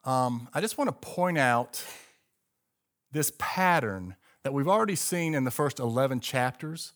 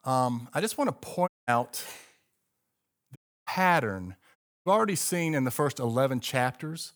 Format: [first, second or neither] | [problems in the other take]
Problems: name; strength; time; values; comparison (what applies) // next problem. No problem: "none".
first | audio cutting out; at 1.5 s, at 3 s and at 4.5 s